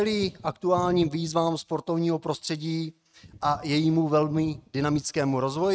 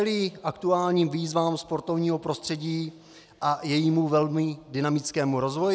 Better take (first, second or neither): second